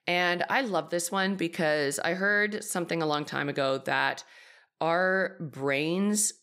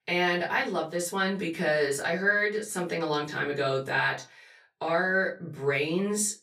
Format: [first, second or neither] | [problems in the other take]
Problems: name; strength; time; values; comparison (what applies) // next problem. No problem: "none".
first | off-mic speech; far // room echo; very slight; dies away in 0.2 s